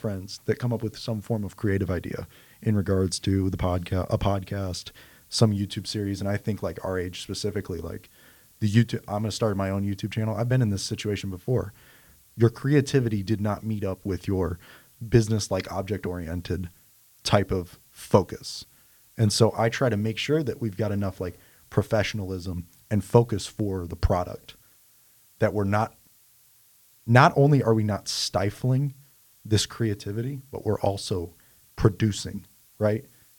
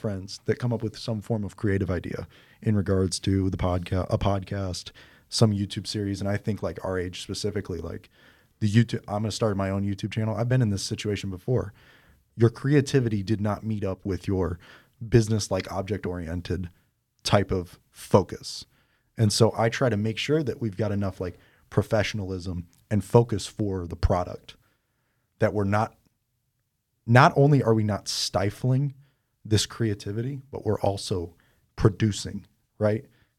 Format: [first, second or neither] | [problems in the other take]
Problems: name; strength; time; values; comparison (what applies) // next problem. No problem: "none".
second | hiss; faint; throughout; 30 dB below the speech